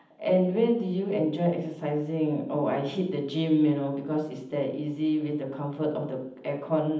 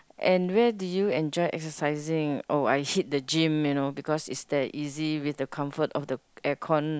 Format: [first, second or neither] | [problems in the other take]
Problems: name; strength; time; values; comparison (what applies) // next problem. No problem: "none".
second | room echo; dies away in 0.8 s